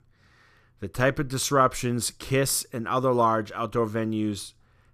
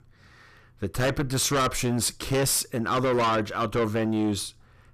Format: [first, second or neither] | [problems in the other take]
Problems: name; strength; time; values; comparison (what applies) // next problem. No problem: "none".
first | distortion; heavy; 6 dB below the speech